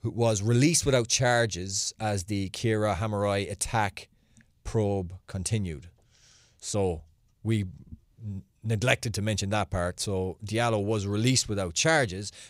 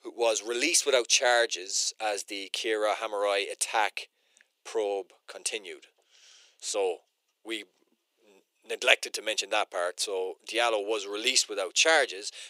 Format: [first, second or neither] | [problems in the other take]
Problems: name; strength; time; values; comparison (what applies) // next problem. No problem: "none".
first | thin; very; fading below 350 Hz